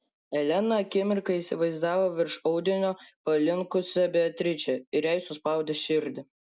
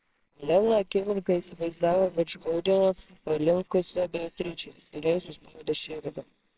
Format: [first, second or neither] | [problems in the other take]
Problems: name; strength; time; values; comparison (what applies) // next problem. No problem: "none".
first | noise reduction (neural separator model SepFormer WHAMR!)